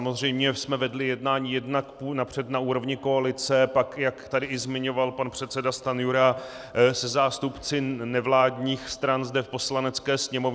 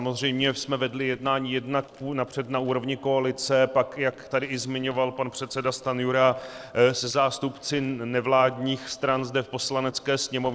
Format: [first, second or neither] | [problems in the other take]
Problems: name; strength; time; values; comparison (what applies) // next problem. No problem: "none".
first | noise reduction (neural separator model SepFormer DNS4)